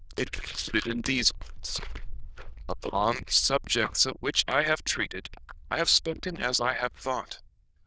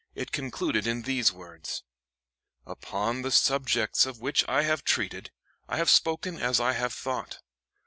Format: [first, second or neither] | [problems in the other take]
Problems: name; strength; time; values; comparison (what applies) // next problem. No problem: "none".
second | noise reduction (neural diffusion model UNIVERSE++)